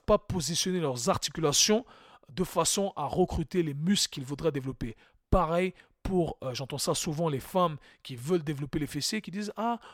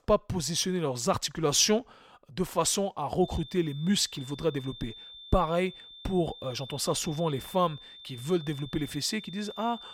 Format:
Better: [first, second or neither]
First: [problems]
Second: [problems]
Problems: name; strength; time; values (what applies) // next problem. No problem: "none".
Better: first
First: none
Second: high-pitched whine; noticeable; from 3 s on; 3.5 kHz, 15 dB below the speech